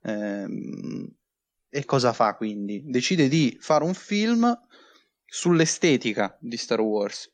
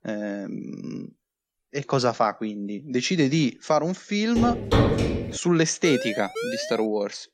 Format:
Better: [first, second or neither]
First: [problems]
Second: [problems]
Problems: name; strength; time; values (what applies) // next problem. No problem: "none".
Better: first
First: none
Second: footsteps; loud; from 4.5 to 5.5 s; peak 4 dB above the speech // siren; noticeable; from 6 s on; peak 5 dB below the speech